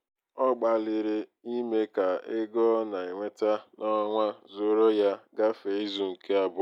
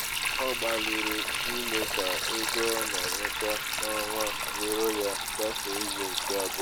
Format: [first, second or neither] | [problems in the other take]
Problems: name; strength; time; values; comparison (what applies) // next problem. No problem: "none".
first | background sound (Sink (filling or washing)); 3 dB above the speech